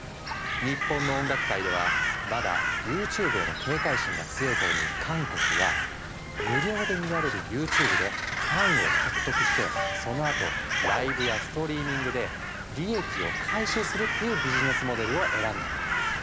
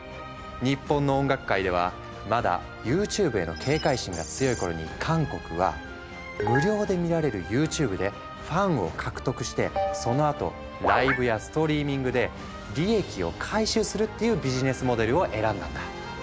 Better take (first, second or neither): second